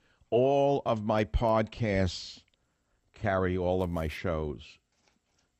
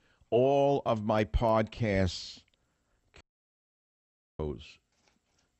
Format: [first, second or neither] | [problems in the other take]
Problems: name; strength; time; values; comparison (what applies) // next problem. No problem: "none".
first | audio cutting out; at 3 s for 1 s